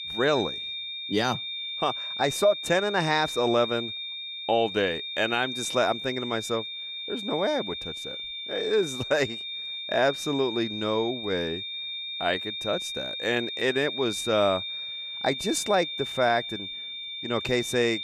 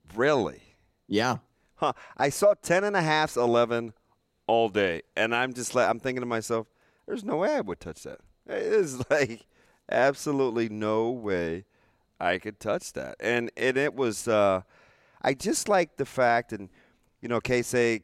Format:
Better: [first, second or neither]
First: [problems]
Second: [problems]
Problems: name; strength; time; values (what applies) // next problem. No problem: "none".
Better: second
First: high-pitched whine; loud; throughout; 3.5 kHz, 5 dB below the speech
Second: none